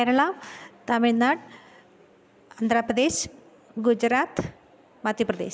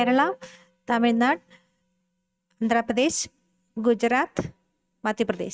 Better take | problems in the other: first | noise reduction (neural mask model RNNoise)

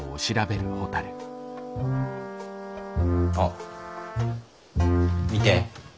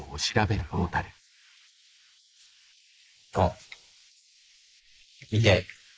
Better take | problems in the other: first | noise reduction (neural mask model Resemble Enhance denoiser)

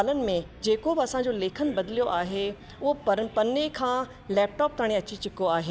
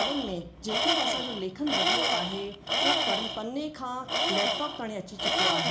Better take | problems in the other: first | background sound (Tools); 5 dB above the speech // room echo; dies away in 0.4 s

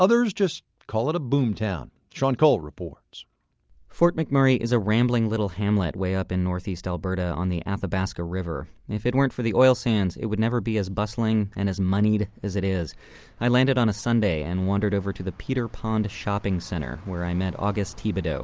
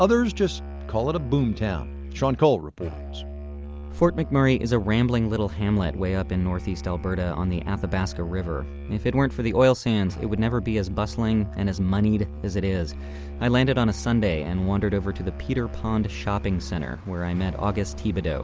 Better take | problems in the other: first | background sound (Musical instrument); 11 dB below the speech

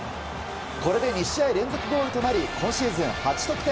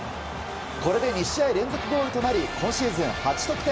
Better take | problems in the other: second | background sound (Crowd); 19 dB below the speech

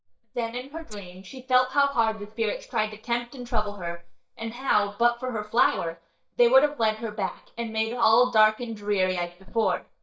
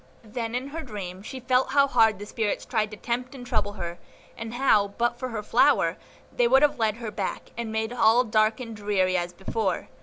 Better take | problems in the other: second | noise reduction (neural mask model DeepFilterNet 3)

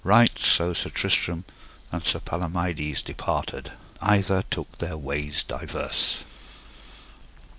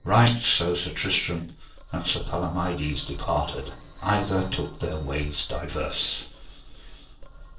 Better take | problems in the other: first | noise reduction (neural separator model SepFormer DNS4)

